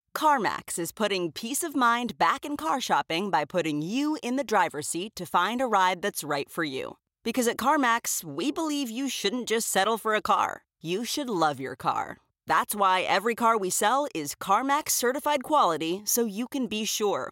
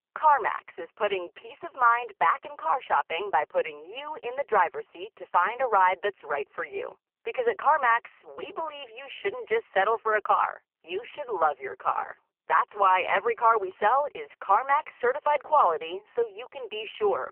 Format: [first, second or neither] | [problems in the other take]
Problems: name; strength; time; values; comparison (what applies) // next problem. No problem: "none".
first | phone-call audio; poor line; nothing above 3 kHz